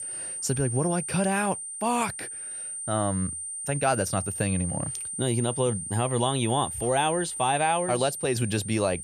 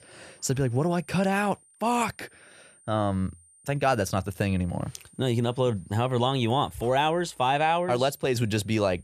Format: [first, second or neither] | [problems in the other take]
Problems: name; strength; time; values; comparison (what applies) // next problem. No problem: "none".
second | high-pitched whine; loud; throughout; 9 kHz, 5 dB below the speech; faint in the second